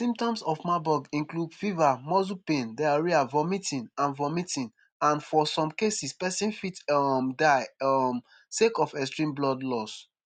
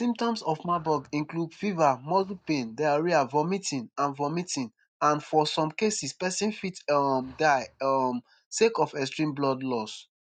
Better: first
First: none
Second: noise reduction (neural mask model DeepFilterNet 3)

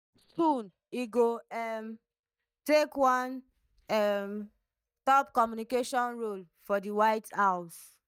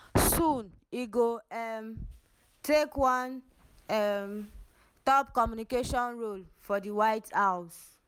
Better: second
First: noise reduction (neural mask model DeepFilterNet 3)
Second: none

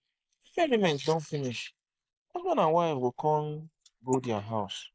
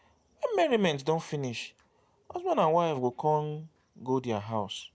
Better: second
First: noise reduction (neural mask model Resemble Enhance denoiser)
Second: none

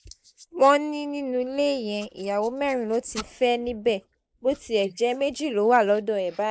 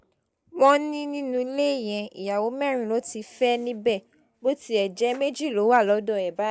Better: second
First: noise reduction (neural mask model Resemble Enhance denoiser)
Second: none

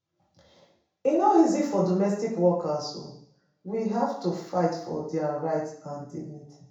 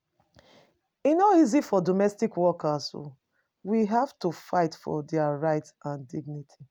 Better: second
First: room echo; dies away in 0.7 s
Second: none

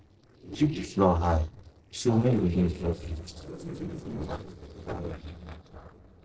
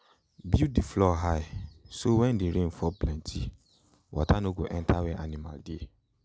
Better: second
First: noise reduction (neural separator model SepFormer DNS4)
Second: none

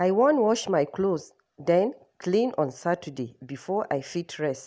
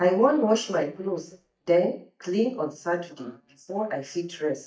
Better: first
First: none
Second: noise reduction (neural mask model DeepFilterNet 3)

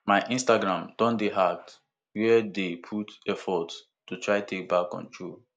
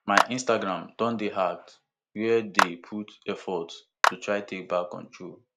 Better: first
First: none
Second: background sound (Clapping); as loud as the speech

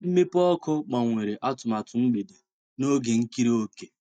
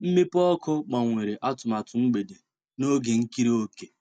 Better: second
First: noise reduction (neural mask model DeepFilterNet 3)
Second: none

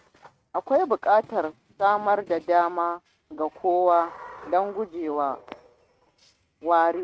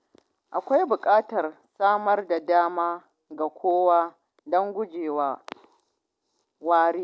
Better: second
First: noise reduction (neural mask model RNNoise)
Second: none

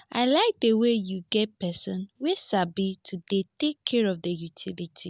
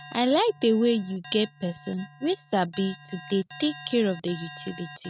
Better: first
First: none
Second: noise reduction (neural mask model RNNoise)

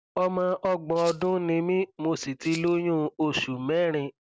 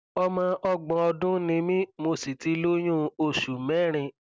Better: second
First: background sound (Rattle (instrument)); 18 dB below the speech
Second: none

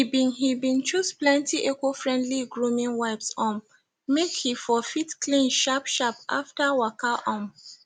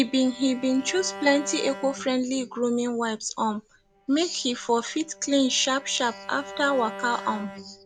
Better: first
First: none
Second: background sound (Bowed string instrument); 16 dB below the speech

